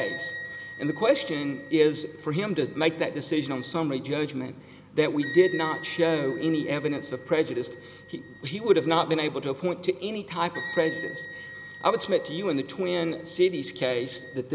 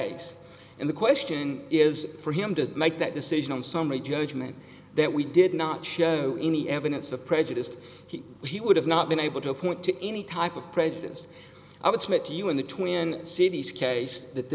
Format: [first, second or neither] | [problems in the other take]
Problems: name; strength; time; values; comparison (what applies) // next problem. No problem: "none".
second | background sound (Wind instrument, woodwind instrument); 15 dB below the speech